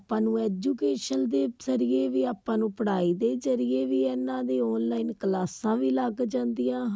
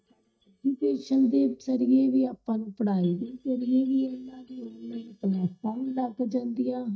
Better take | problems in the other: first | noise reduction (neural mask model DeepFilterNet 3)

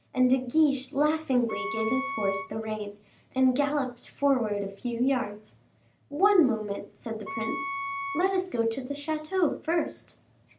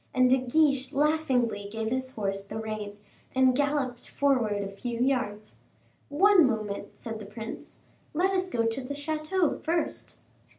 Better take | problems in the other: second | background sound (Wind instrument, woodwind instrument); 8 dB below the speech

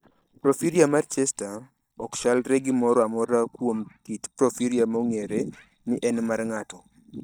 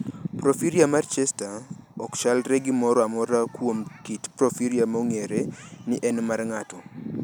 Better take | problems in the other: second | noise reduction (neural mask model DeepFilterNet 3)

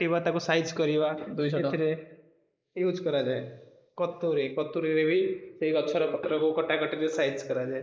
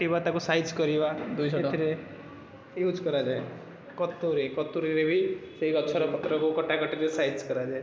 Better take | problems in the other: second | noise reduction (neural mask model Resemble Enhance denoiser)

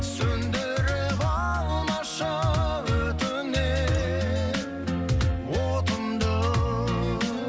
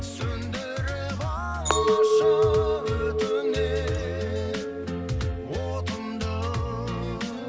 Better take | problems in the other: first | background sound (Chink, clink); 1 dB above the speech

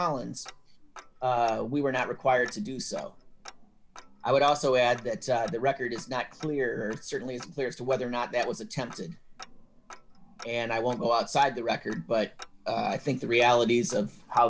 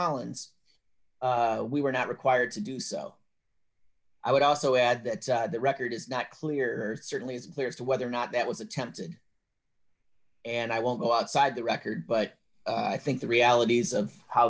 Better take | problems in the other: second | background sound (Tick-tock); 20 dB below the speech

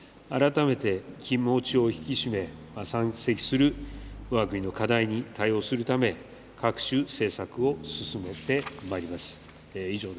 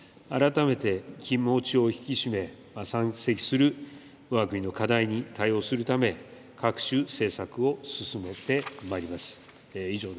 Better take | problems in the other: second | background sound (Stream + Bass guitar); 18 dB below the speech

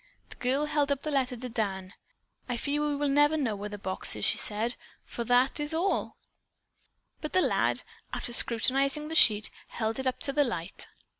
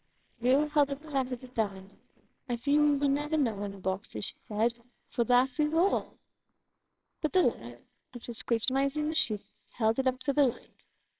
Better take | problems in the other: first | noise reduction (neural separator model SepFormer WHAMR!)

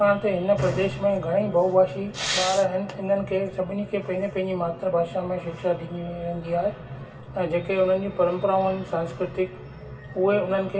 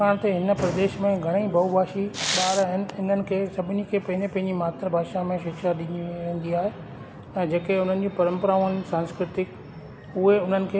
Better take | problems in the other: second | room echo; dies away in 0.1 s

